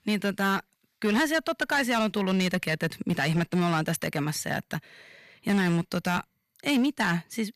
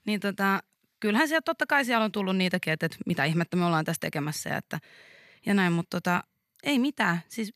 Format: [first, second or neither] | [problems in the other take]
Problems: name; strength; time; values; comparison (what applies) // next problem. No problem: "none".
second | distortion; slight; 8% of the sound clipped